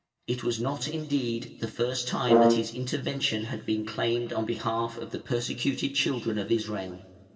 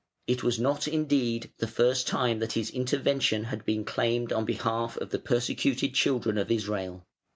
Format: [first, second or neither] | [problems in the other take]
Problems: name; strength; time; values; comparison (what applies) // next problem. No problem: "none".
second | background sound (Brass instrument); 4 dB above the speech // room echo; dies away in 1.8 s